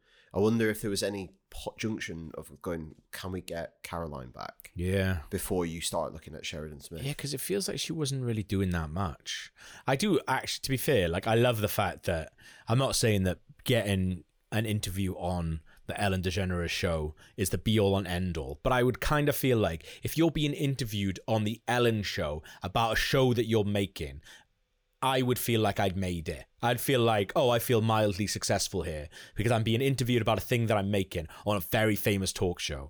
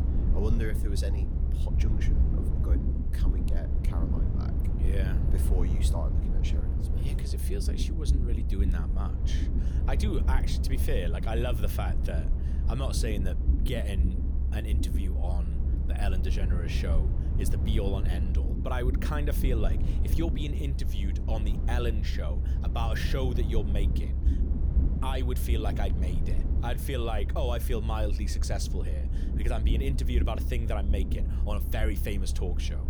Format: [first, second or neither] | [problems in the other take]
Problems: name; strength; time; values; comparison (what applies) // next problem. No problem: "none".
first | low rumble; loud; throughout; 6 dB below the speech